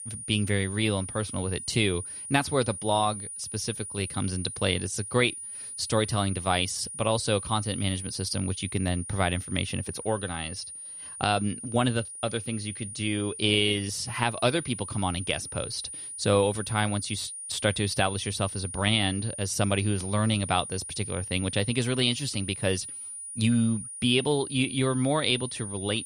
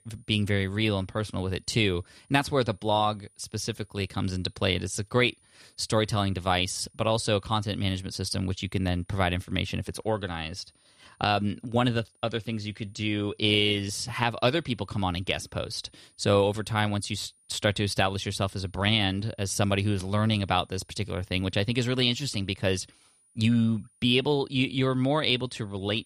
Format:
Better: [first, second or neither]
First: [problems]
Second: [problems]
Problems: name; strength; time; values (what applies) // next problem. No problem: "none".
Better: second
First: high-pitched whine; loud; throughout; 9.5 kHz, 8 dB below the speech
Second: high-pitched whine; faint; throughout; 9.5 kHz, 35 dB below the speech